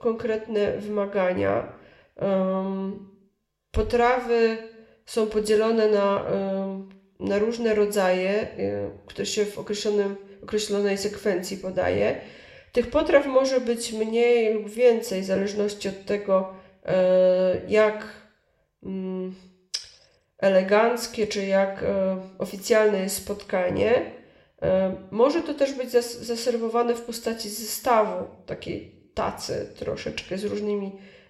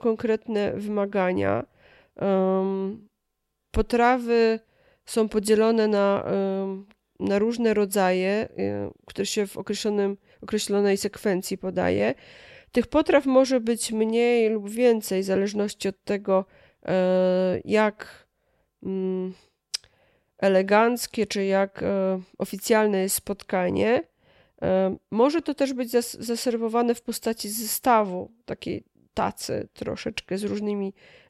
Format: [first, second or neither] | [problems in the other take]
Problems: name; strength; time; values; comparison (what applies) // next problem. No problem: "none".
second | room echo; very slight; dies away in 0.6 s